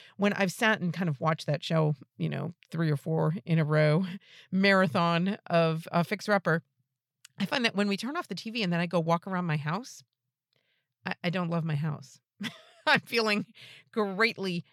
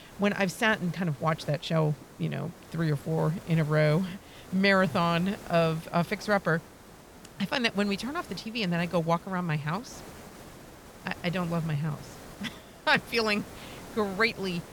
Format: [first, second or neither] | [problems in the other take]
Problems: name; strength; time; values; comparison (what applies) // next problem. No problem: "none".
first | hiss; noticeable; throughout; 20 dB below the speech